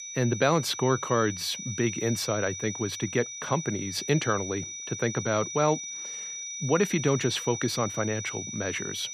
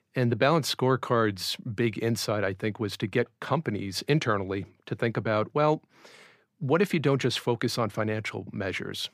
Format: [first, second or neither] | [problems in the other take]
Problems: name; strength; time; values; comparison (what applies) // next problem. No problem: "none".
second | high-pitched whine; loud; throughout; 6 kHz, 7 dB below the speech